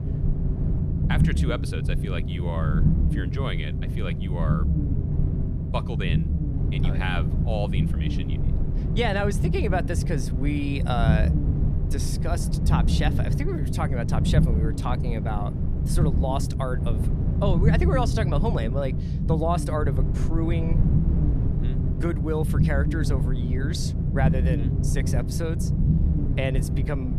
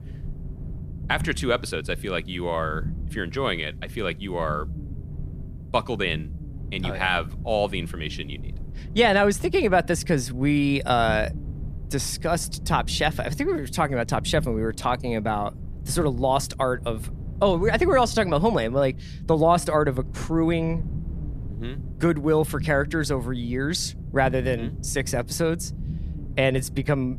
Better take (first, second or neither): second